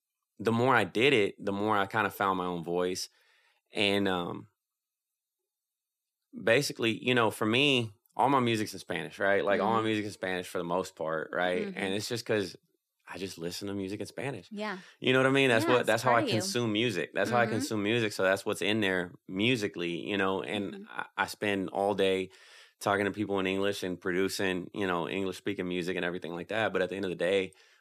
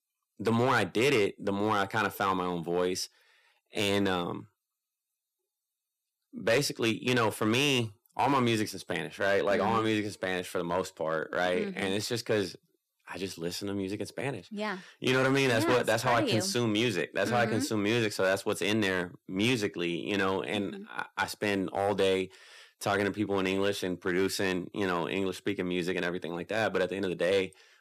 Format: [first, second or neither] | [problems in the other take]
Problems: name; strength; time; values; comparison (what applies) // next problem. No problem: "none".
first | distortion; slight; 4% of the sound clipped